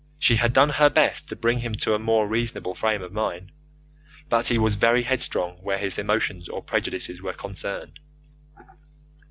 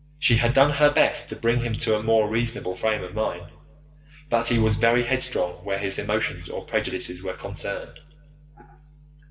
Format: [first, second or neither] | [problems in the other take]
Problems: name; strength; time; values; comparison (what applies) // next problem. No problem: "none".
first | room echo; dies away in 0.8 s